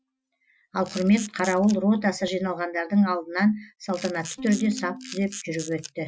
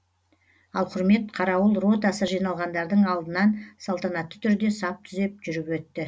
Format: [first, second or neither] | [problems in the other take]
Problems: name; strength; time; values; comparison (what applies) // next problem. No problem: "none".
second | noise reduction (classical method Wiener filter)